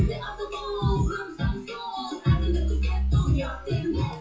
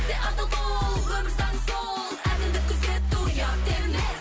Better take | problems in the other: second | noise reduction (classical method WPE with log-MMSE)

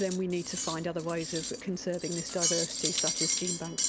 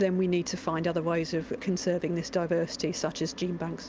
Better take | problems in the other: second | background sound (Cutlery, silverware); as loud as the speech

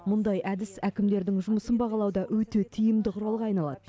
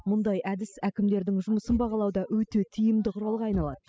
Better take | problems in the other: first | noise reduction (classical method spectral subtraction)

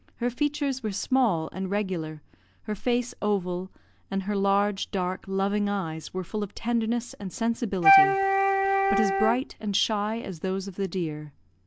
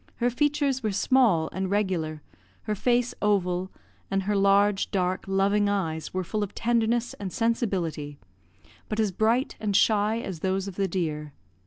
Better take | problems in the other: second | background sound (Wind instrument, woodwind instrument); 4 dB above the speech

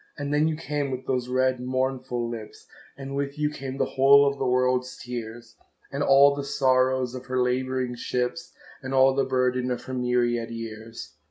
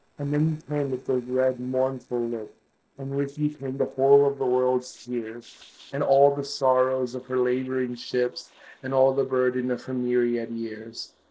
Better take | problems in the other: first | noise reduction (neural separator model SepFormer DNS4)

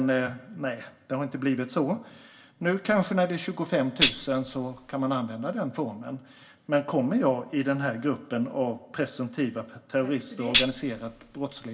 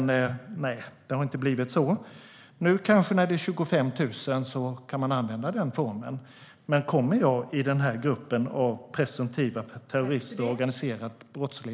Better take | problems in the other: second | background sound (Tambourine); 2 dB below the speech // room echo; dies away in 0.1 s

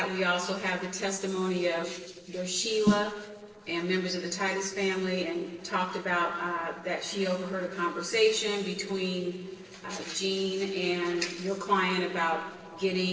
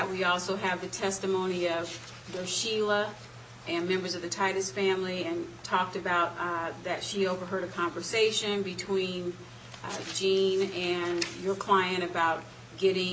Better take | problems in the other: second | noise reduction (neural separator model SepFormer DNS4)

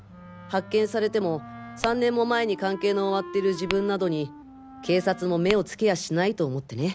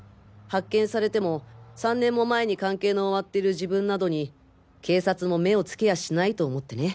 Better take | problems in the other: second | background sound (Tap / Glass + Wind instrument, woodwind instrument); 15 dB below the speech

